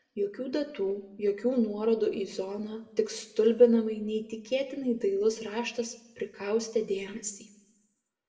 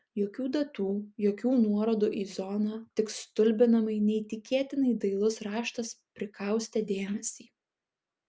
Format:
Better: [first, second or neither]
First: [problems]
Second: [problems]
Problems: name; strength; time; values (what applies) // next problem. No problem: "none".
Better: second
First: room echo; dies away in 0.7 s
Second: none